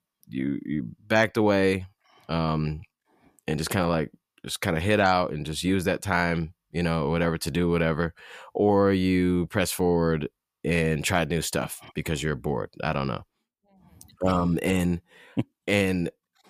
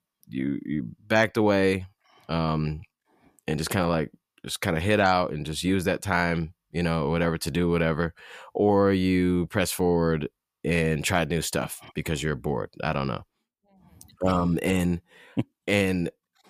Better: neither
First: none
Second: none

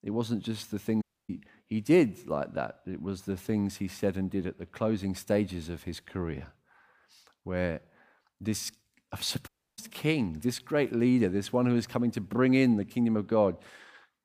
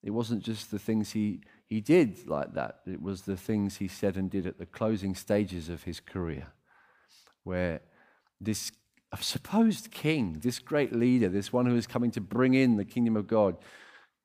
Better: second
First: audio cutting out; at 1 s and at 9.5 s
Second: none

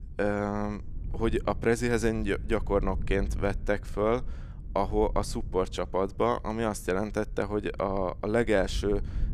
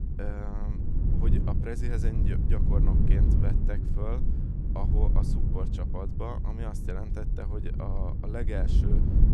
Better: first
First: low rumble; faint; throughout; 25 dB below the speech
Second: low rumble; loud; throughout; 1 dB below the speech

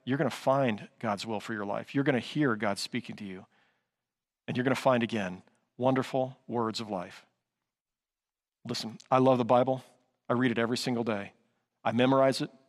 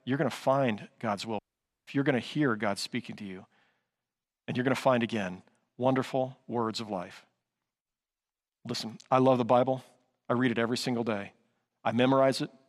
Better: first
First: none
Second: audio cutting out; at 1.5 s

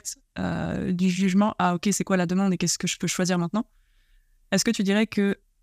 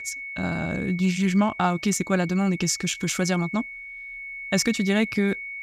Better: first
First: none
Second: high-pitched whine; noticeable; throughout; 2 kHz, 10 dB below the speech

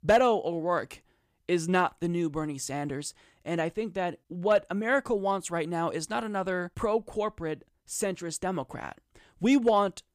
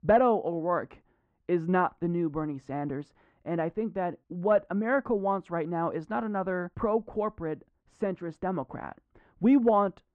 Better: first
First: none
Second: muffled; very; fading above 1.5 kHz

